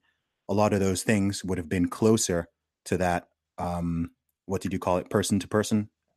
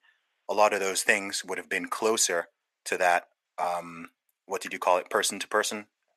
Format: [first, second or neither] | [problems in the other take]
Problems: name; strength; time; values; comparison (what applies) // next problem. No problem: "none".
first | thin; very; fading below 700 Hz